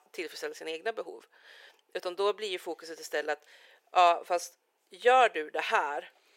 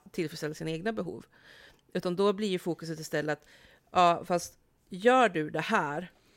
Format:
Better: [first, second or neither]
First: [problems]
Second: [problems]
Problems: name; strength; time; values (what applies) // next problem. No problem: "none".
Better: second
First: thin; very; fading below 400 Hz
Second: none